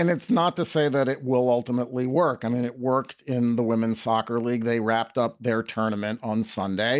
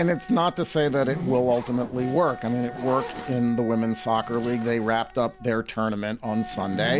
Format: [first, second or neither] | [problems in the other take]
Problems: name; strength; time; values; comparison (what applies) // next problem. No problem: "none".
first | background sound (Wind instrument, woodwind instrument + Zipper (clothing)); 12 dB below the speech